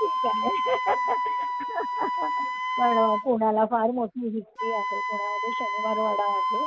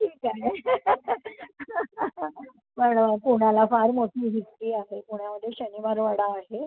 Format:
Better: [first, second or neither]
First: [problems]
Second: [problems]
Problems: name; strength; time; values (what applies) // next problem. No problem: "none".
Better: second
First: background sound (Wind instrument, woodwind instrument); as loud as the speech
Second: none